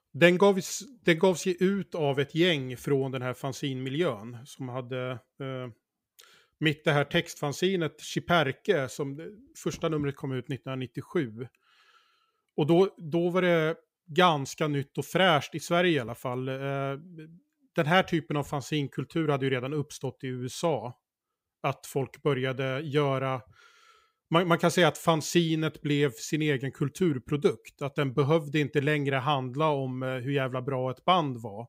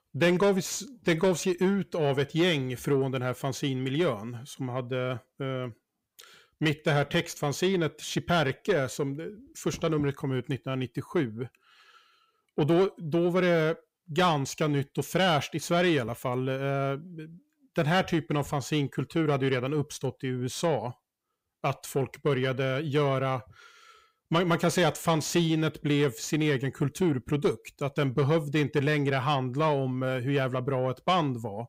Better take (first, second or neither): first